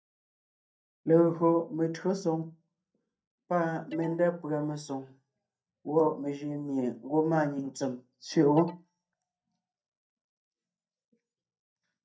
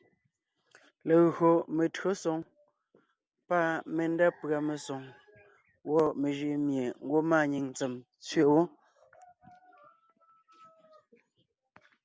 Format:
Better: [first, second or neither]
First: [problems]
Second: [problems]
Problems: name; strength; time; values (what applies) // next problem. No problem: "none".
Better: second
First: noise reduction (neural mask model DeepFilterNet 3)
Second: none